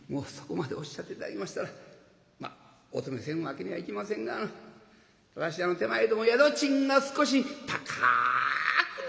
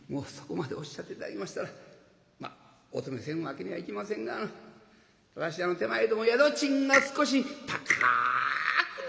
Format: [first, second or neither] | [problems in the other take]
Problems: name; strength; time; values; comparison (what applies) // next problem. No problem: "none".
first | background sound (Clock); 3 dB below the speech